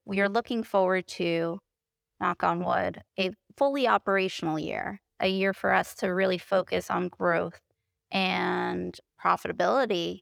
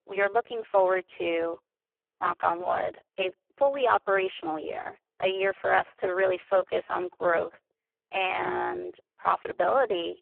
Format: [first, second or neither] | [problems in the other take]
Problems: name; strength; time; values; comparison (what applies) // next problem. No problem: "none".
first | phone-call audio; poor line